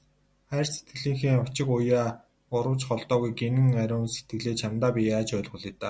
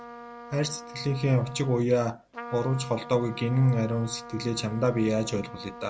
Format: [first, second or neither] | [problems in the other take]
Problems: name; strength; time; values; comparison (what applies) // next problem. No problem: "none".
first | background sound (Trumpet); 15 dB below the speech